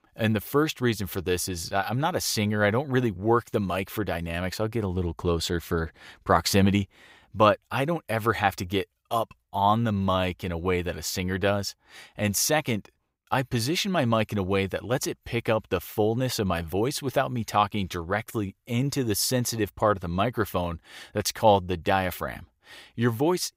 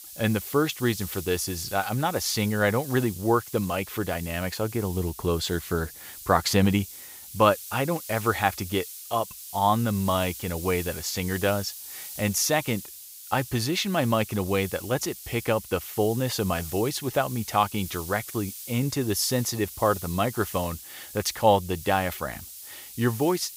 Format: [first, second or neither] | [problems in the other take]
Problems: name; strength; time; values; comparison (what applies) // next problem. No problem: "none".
first | hiss; noticeable; throughout; 10 dB below the speech